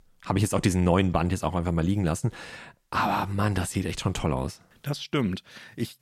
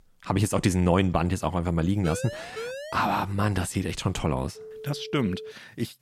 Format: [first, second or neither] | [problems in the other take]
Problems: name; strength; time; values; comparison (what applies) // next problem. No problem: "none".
first | siren; noticeable; from 2 to 3 s; peak 9 dB below the speech // phone ringing; faint; at 4.5 s; peak 15 dB below the speech